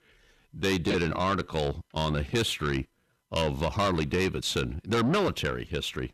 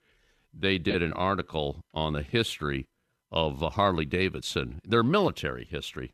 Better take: second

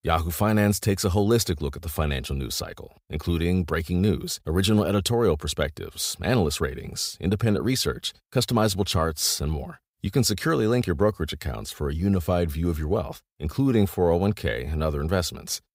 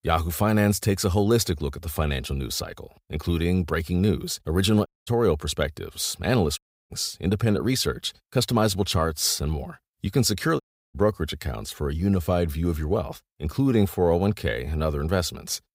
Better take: first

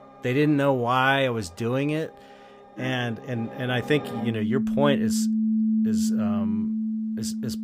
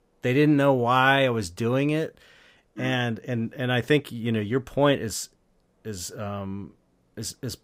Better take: second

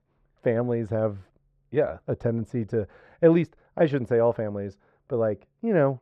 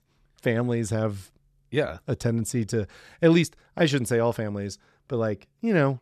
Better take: second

